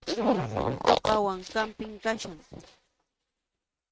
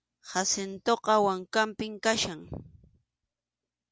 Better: second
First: noise reduction (neural mask model RNNoise)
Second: none

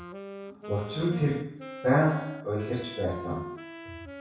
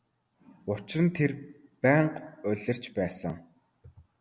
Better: second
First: background sound (Wind instrument, woodwind instrument); 12 dB below the speech // room echo; dies away in 0.7 s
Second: none

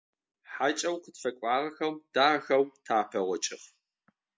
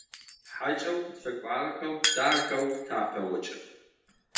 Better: first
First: none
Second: background sound (Shatter); 4 dB below the speech // room echo; dies away in 0.9 s

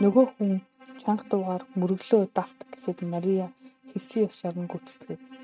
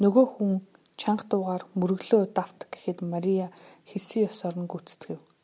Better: second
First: noise reduction (neural mask model RNNoise)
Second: none

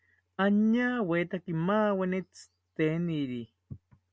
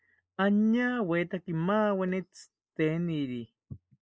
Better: first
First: none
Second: noise reduction (neural mask model Resemble Enhance denoiser)

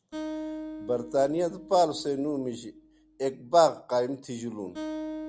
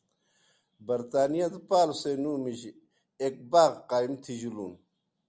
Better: second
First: background sound (Acoustic guitar); 12 dB below the speech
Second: none

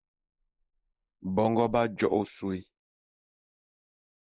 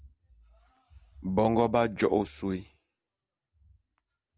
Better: second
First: noise reduction (neural mask model Resemble Enhance denoiser)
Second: none

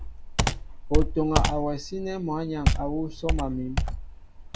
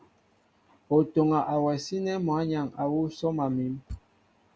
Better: second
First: background sound (Computer keyboard); 3 dB above the speech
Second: none

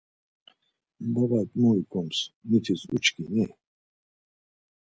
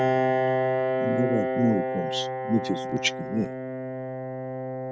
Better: first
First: none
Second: background sound (Piano); 3 dB above the speech

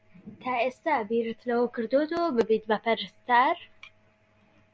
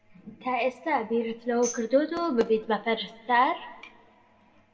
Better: first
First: none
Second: background sound (Tambourine); 15 dB below the speech // room echo; dies away in 1.1 s

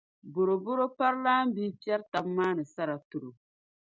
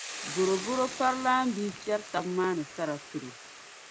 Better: first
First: none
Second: background sound (Boiling / Hiss); 11 dB below the speech

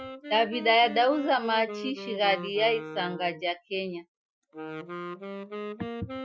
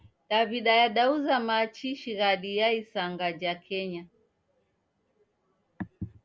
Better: second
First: noise reduction (classical method Wiener filter)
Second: none

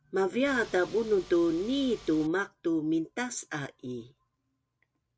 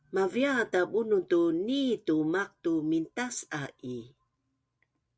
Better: second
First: background sound (Engine / Car); 19 dB below the speech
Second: none

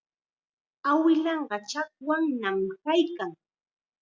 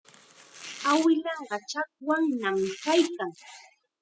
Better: first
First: none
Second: noise reduction (classical method spectral subtraction)

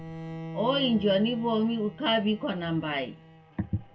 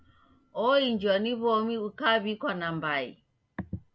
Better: second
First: background sound (Bowed string instrument); 14 dB below the speech // room echo; dies away in 0.1 s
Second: none

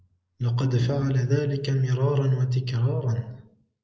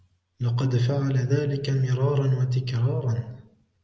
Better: second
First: noise reduction (neural mask model Resemble Enhance denoiser)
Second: none

